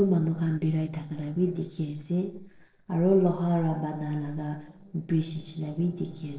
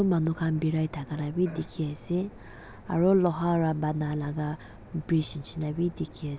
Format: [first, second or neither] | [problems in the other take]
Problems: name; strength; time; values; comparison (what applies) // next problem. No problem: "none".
second | noise reduction (neural separator model SepFormer DNS4)